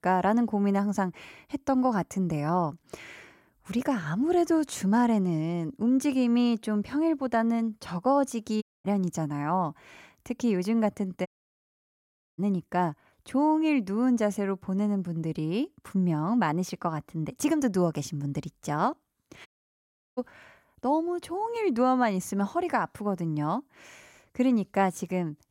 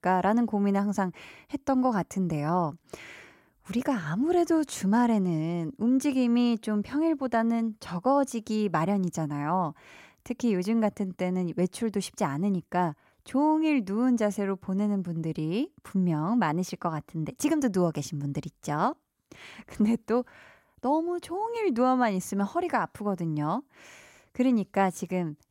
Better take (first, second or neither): second